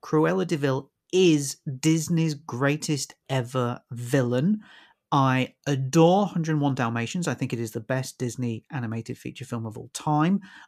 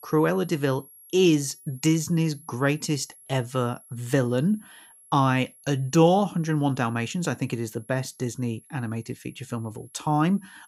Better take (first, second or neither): first